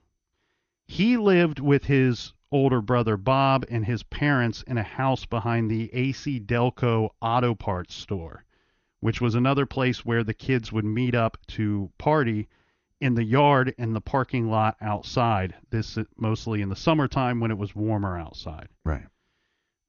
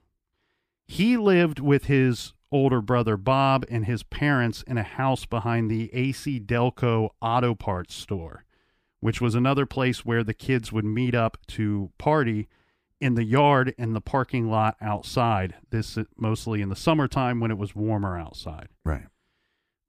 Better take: second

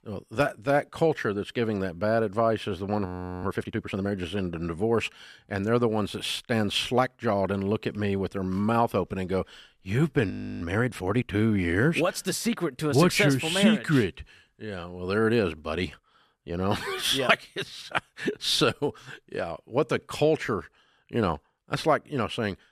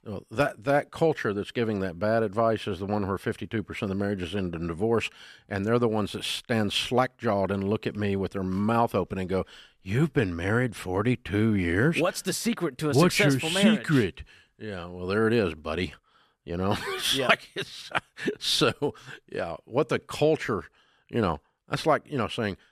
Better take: second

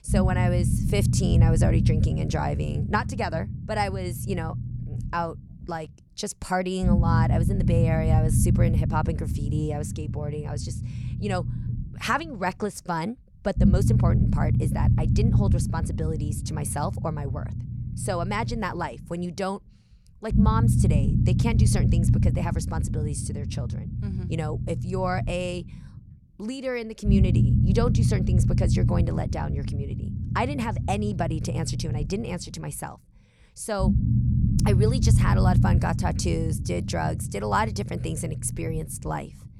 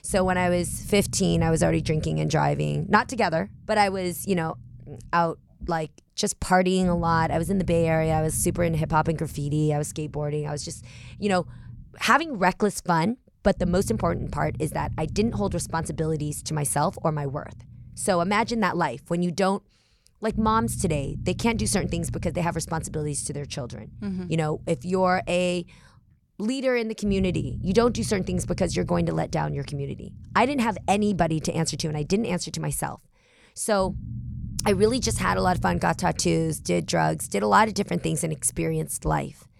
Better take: second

